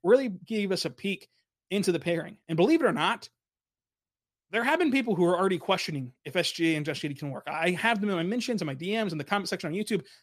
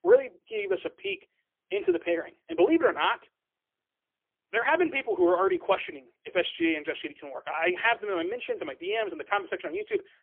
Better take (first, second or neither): first